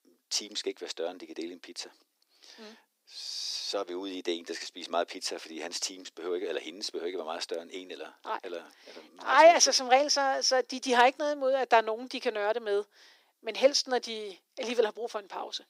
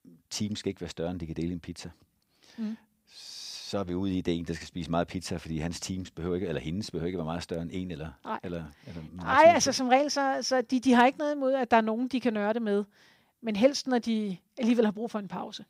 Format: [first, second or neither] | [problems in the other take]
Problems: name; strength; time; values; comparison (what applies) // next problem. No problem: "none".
second | thin; somewhat; fading below 300 Hz